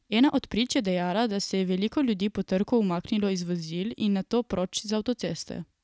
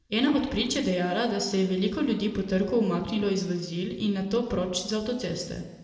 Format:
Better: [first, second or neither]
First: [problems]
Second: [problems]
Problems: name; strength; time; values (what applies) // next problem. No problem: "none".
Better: first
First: none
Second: room echo; dies away in 1.2 s